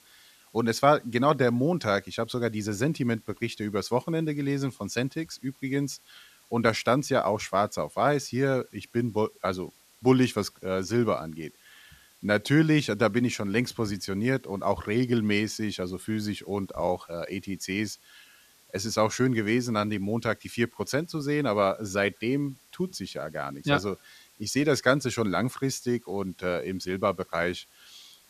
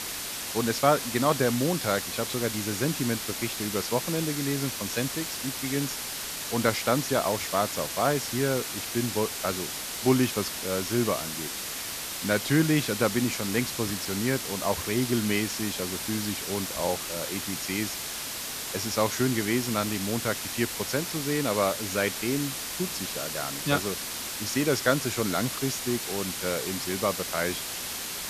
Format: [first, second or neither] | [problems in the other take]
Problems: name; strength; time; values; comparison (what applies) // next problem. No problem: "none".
first | hiss; loud; throughout; 3 dB below the speech; faint in the first